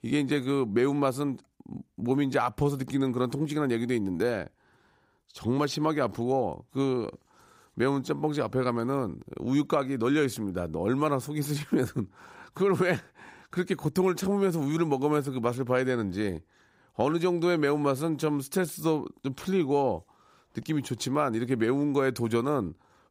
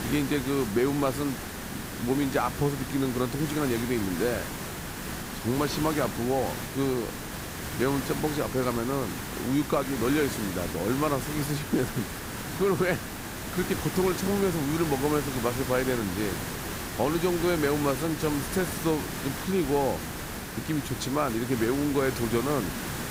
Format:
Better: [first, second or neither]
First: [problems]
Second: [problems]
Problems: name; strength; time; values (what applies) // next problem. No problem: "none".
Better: first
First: none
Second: hiss; loud; throughout; 6 dB below the speech